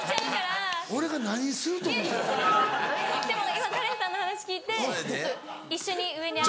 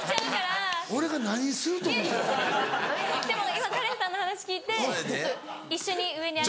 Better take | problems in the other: second | background sound (Wind instrument, woodwind instrument); 6 dB below the speech

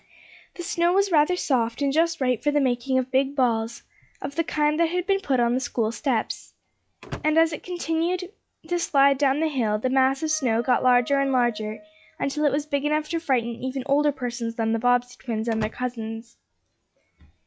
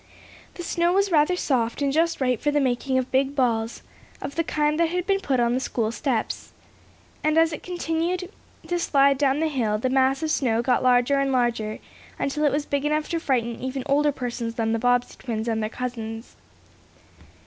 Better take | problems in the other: second | noise reduction (classical method log-MMSE)

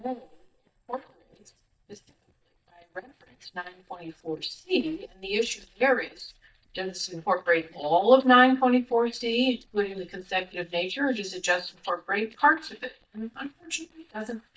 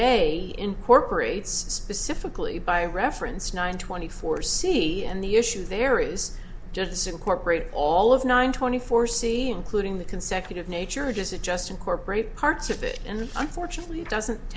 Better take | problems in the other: second | noise reduction (neural mask model DeepFilterNet 3)

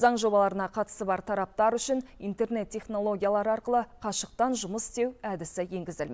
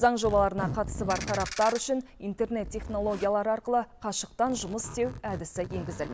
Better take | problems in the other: first | background sound (Zipper (clothing) + Ratchet, pawl); 10 dB below the speech

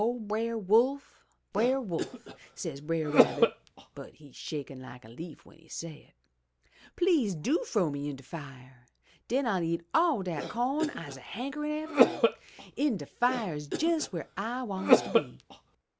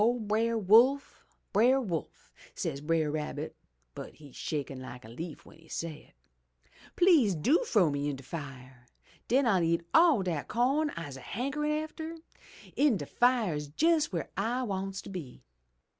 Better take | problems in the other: second | background sound (Cough); 1 dB above the speech

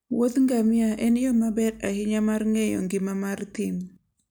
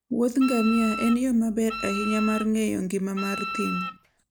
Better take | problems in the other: first | background sound (Wind instrument, woodwind instrument); 9 dB below the speech

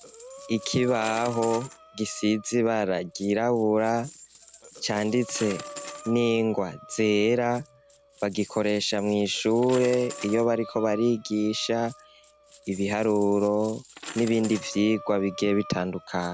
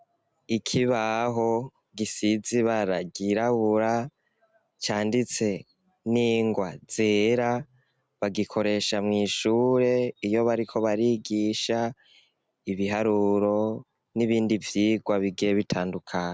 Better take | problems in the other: second | background sound (Breathing + Coin (dropping)); 17 dB below the speech

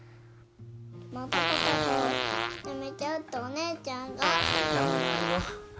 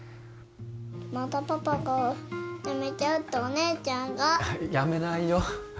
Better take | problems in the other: second | background sound (Fart); 5 dB above the speech

